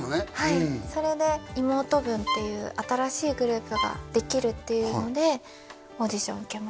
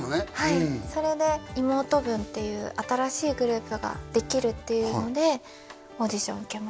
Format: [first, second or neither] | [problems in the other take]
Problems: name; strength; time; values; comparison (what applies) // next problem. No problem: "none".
second | background sound (Bowed string instrument); 8 dB below the speech